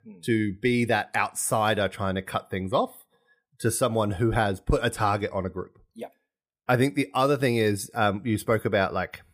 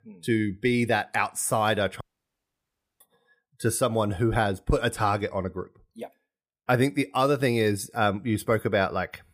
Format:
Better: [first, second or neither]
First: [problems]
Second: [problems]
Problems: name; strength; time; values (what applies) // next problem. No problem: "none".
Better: first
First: none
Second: audio cutting out; at 2 s for 1 s